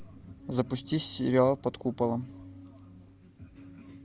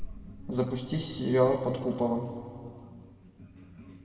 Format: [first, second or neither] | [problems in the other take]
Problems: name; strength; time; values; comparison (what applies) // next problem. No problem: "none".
first | room echo; dies away in 2.1 s